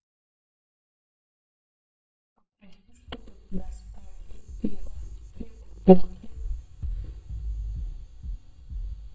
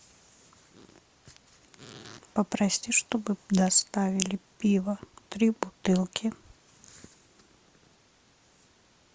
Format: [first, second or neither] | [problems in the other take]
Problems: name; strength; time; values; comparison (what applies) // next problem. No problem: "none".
second | noise reduction (neural mask model DeepFilterNet 3)